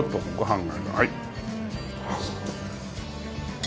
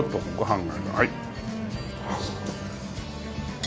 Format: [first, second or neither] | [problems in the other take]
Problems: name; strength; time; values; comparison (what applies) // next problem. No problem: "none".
first | background sound (Wild animals); 15 dB below the speech